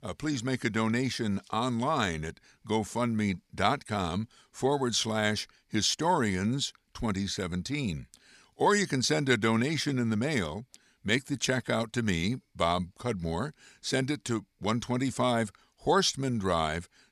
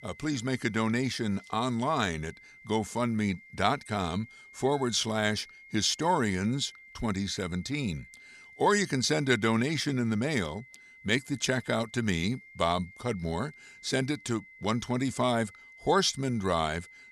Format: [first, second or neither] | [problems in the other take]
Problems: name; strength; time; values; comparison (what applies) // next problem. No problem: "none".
first | high-pitched whine; faint; throughout; 2 kHz, 20 dB below the speech